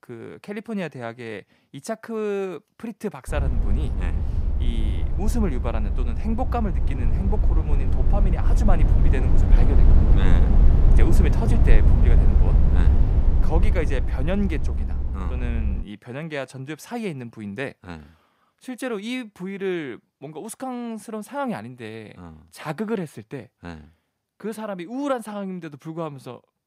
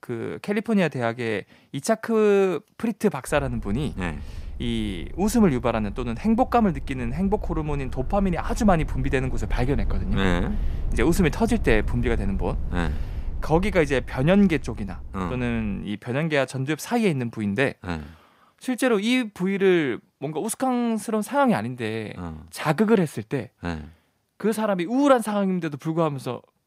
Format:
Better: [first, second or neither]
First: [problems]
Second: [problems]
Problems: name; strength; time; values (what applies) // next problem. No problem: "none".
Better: second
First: low rumble; loud; from 3.5 to 16 s; 4 dB below the speech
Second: low rumble; faint; from 3.5 to 16 s; 25 dB below the speech